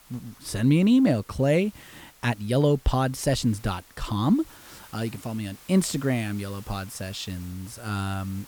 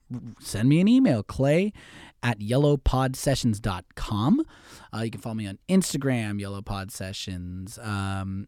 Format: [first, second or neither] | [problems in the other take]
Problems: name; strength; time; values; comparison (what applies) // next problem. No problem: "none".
second | hiss; faint; throughout; 25 dB below the speech